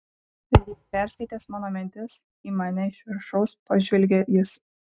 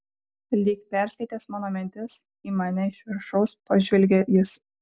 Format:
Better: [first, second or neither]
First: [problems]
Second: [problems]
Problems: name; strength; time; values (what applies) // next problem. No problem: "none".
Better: second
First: noise reduction (neural mask model RNNoise)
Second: none